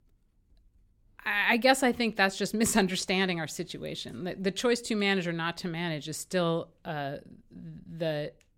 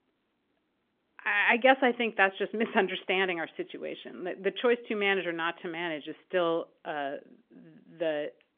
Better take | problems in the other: first | phone-call audio; nothing above 3.5 kHz

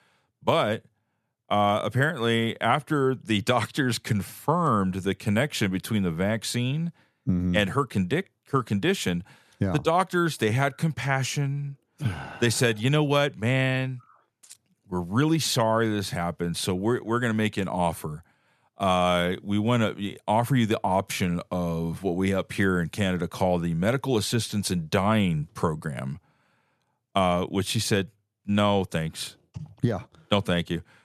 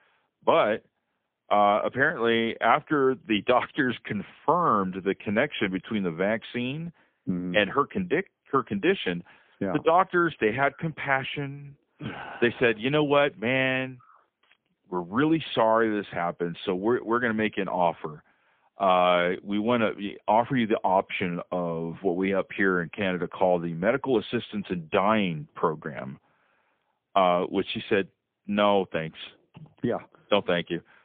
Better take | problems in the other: first | phone-call audio; poor line; nothing above 3.5 kHz

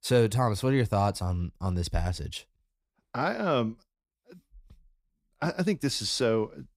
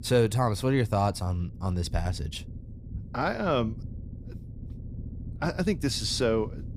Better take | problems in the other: first | low rumble; faint; throughout; 25 dB below the speech

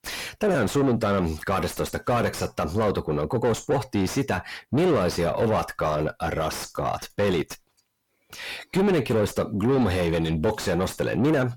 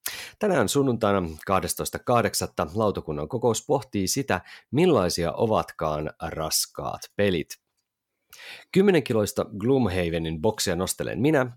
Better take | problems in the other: second | distortion; heavy; 5 dB below the speech

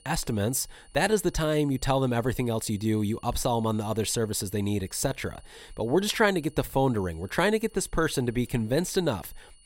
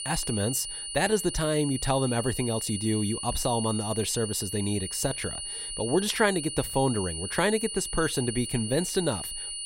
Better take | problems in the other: first | high-pitched whine; loud; throughout; 9.5 kHz, 5 dB below the speech; faint in the first

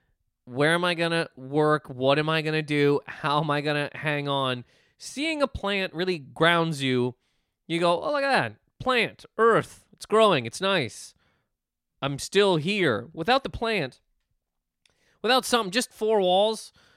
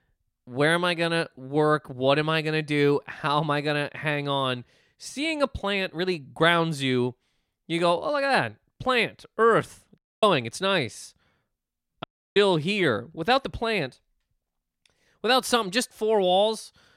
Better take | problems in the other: first | audio cutting out; at 10 s and at 12 s

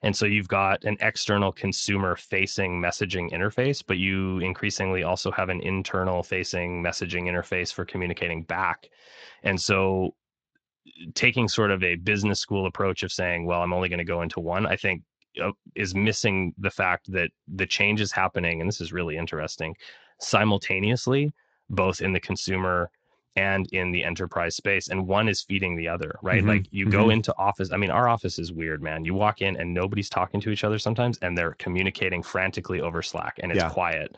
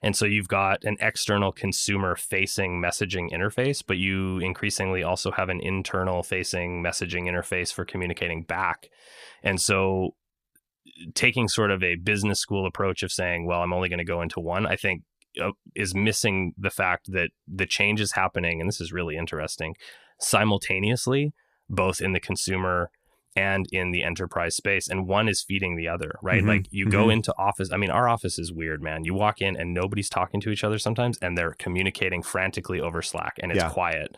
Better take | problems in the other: second | garbled, watery; slightly; nothing above 7.5 kHz

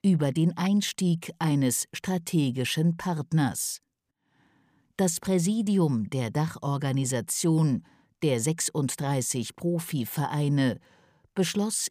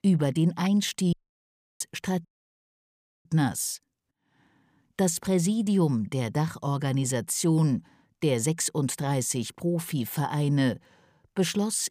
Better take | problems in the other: first | audio cutting out; at 1 s for 0.5 s and at 2.5 s for 1 s

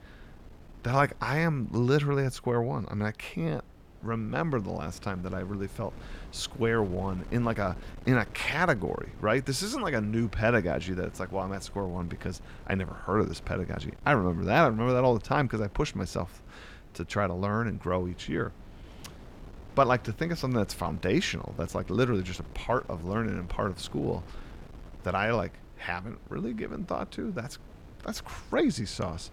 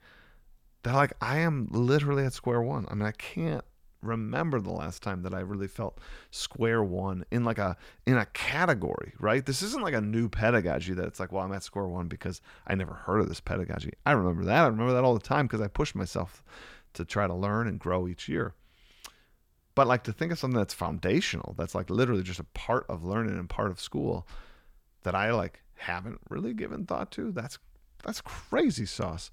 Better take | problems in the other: second | wind noise on the microphone; occasional gusts; 25 dB below the speech

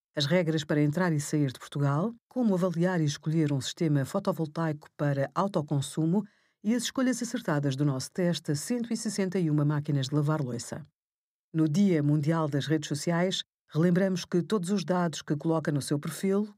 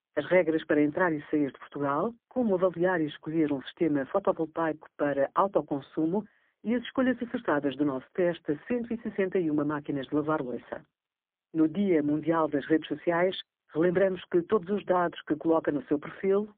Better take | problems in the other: first | phone-call audio; poor line

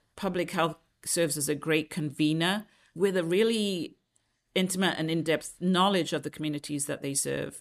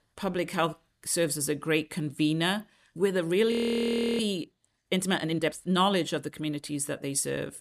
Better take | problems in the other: first | audio freezing; at 3.5 s for 0.5 s

